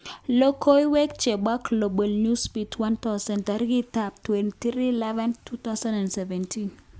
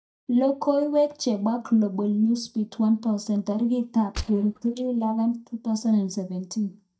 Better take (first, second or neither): first